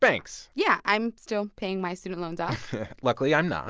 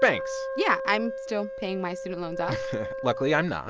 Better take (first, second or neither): first